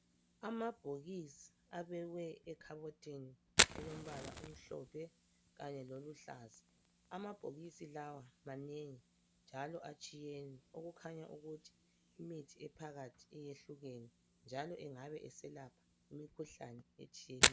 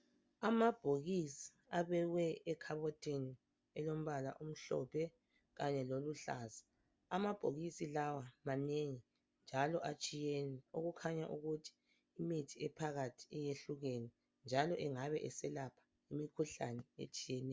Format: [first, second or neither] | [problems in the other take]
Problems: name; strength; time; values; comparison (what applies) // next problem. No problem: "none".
second | background sound (Fire); 5 dB above the speech